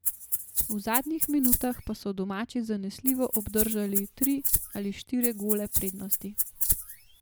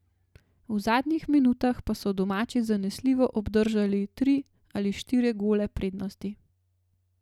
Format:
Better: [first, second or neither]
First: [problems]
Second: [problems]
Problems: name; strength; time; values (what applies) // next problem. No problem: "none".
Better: second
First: background sound (Rattle (instrument)); 1 dB above the speech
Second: none